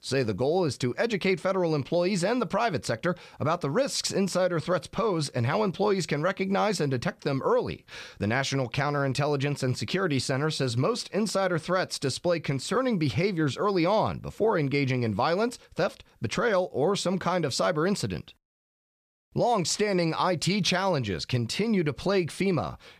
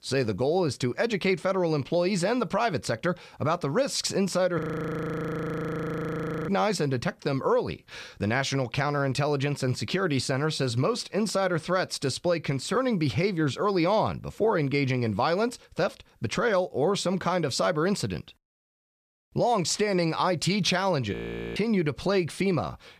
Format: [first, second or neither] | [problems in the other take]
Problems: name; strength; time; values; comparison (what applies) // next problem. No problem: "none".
first | audio freezing; at 4.5 s for 2 s and at 21 s